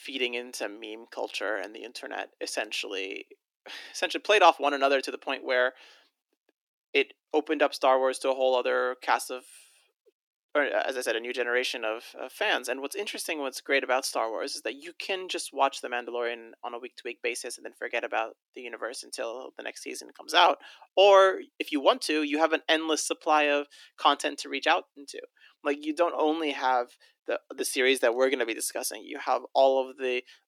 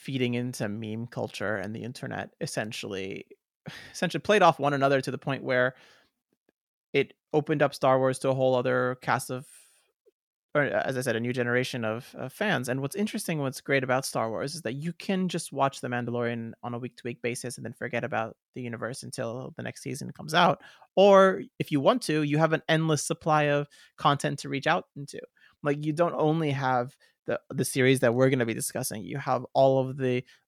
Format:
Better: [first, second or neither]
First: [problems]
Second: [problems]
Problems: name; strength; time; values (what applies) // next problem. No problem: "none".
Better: second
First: thin; somewhat; fading below 300 Hz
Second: none